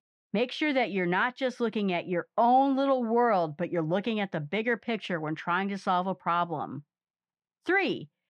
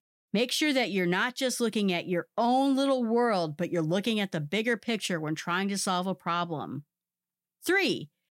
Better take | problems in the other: second | muffled; very; fading above 2.5 kHz

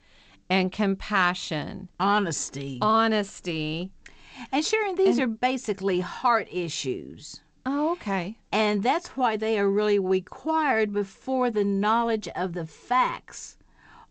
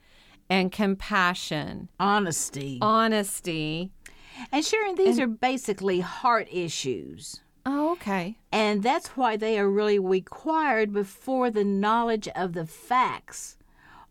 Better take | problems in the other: second | garbled, watery; slightly; nothing above 7.5 kHz

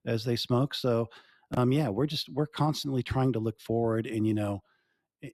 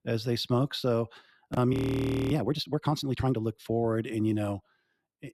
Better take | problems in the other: first | audio freezing; at 1.5 s for 0.5 s

